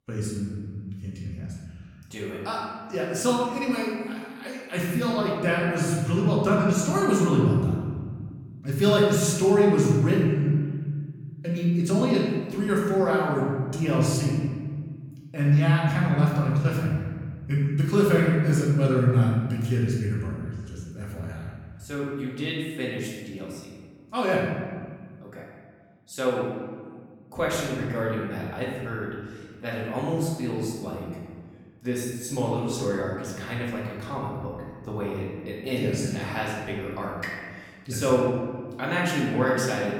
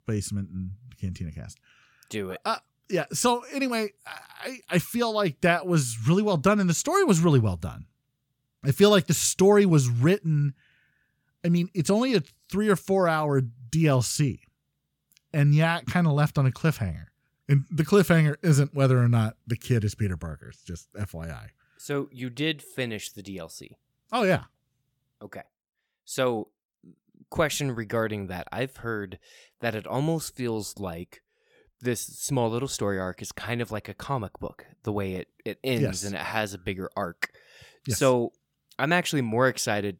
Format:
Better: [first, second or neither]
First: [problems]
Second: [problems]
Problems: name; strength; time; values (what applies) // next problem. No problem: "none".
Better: second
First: room echo; noticeable; dies away in 1.6 s // off-mic speech; far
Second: none